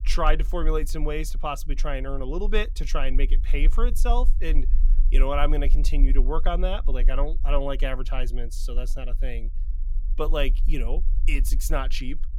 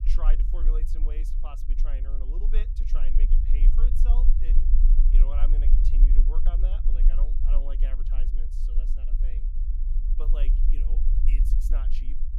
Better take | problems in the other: first | low rumble; loud; throughout; 4 dB below the speech; faint in the first

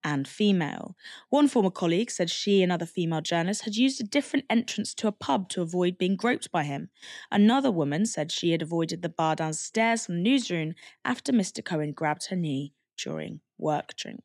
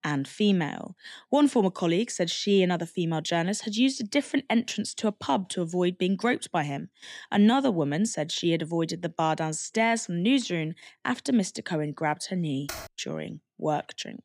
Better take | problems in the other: first | keyboard typing; faint; at 13 s; peak 10 dB below the speech

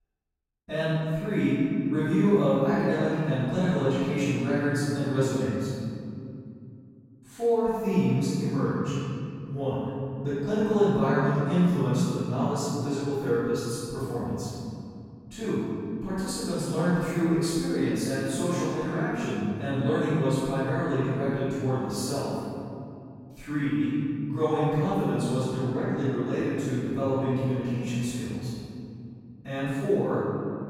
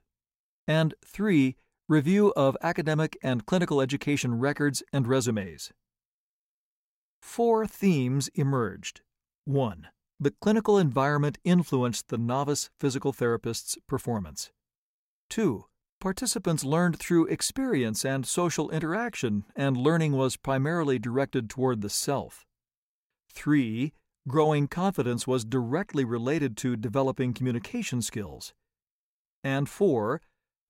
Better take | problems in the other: second | off-mic speech; far // room echo; strong; dies away in 2.6 s

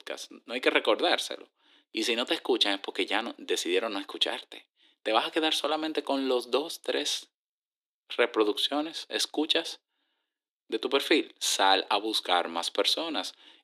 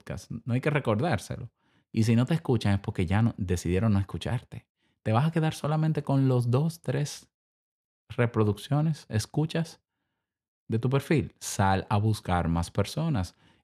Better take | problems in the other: second | thin; very; fading below 300 Hz

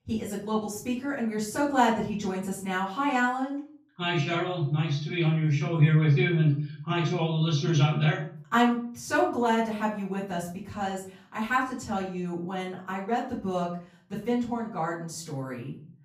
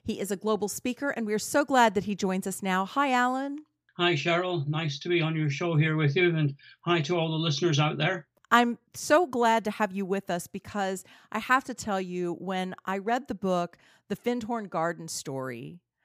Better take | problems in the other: second | off-mic speech; far // room echo; slight; dies away in 0.5 s

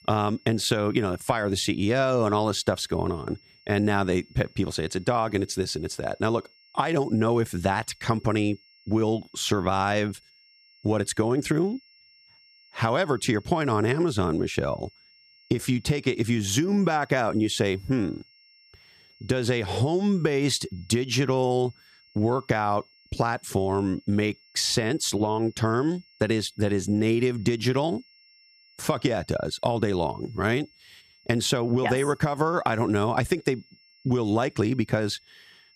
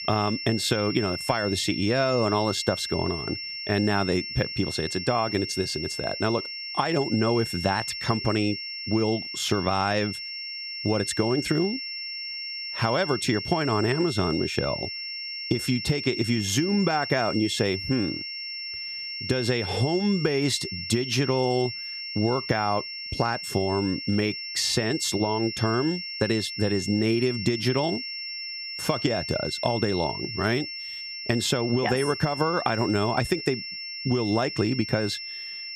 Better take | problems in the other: first | high-pitched whine; loud; throughout; 5.5 kHz, 6 dB below the speech; faint in the first

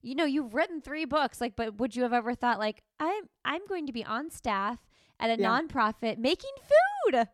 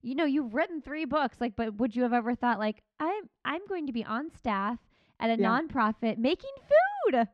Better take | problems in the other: first | muffled; very slightly; fading above 3 kHz

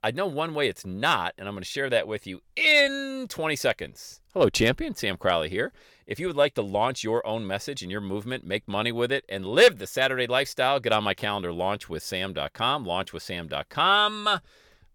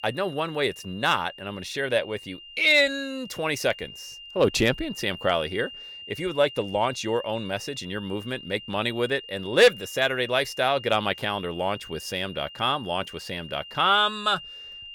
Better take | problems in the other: first | high-pitched whine; noticeable; throughout; 3 kHz, 15 dB below the speech

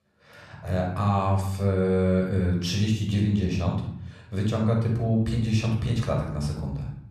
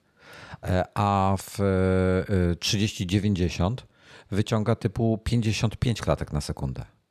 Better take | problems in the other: second | off-mic speech; somewhat distant // room echo; noticeable; dies away in 0.7 s

